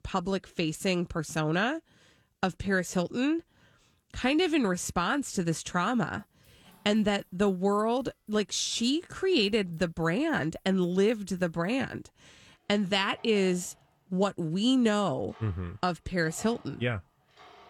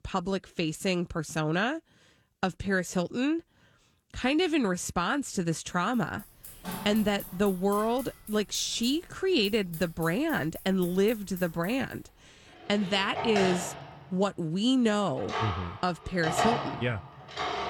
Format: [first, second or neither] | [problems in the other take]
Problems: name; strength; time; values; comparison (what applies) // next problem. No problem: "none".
first | household noises; loud; from 6.5 s on; 8 dB below the speech; faint in the first